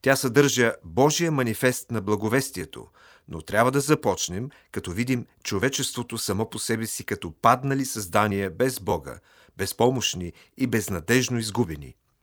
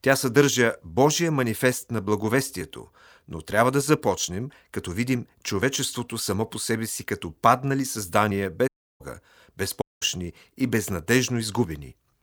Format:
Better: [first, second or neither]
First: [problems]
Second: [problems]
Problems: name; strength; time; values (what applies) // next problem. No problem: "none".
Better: first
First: none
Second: audio cutting out; at 8.5 s and at 10 s